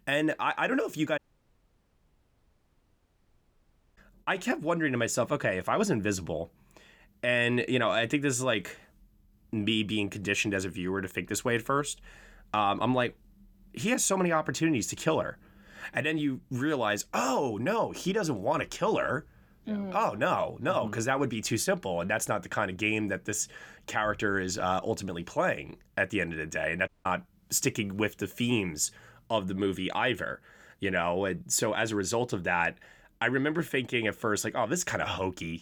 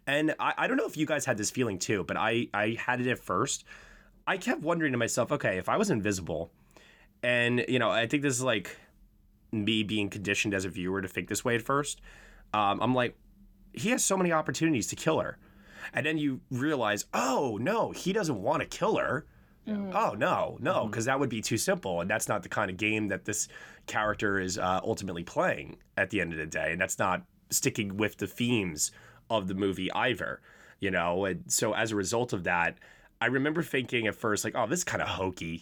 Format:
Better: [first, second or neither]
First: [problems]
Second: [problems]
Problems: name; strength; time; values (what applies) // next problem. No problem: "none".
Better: second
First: audio cutting out; at 1 s for 3 s and at 27 s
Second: none